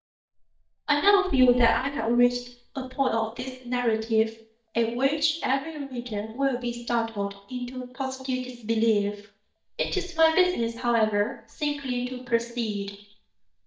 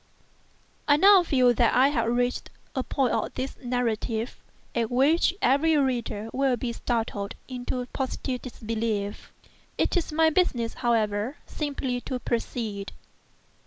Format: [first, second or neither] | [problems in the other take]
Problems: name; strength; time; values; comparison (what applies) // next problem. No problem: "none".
second | noise reduction (neural mask model DeepFilterNet 3)